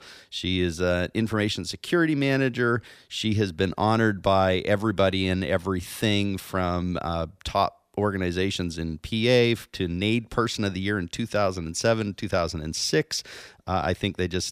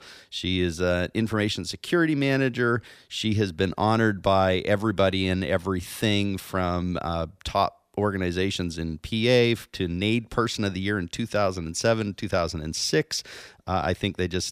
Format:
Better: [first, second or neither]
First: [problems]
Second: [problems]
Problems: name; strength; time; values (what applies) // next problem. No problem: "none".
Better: neither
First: none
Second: none